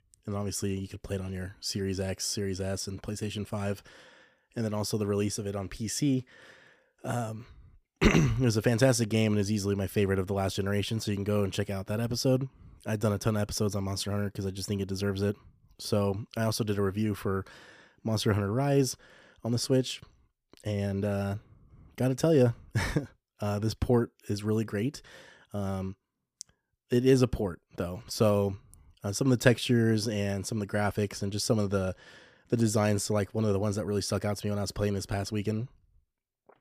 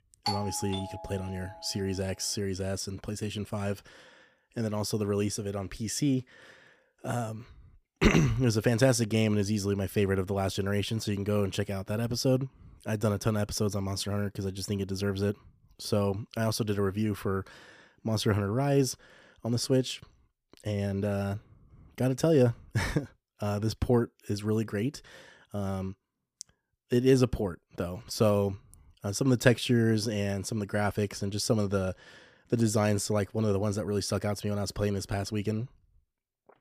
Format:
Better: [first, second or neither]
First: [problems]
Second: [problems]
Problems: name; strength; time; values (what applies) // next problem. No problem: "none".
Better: first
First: none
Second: doorbell; noticeable; until 1.5 s; peak 4 dB below the speech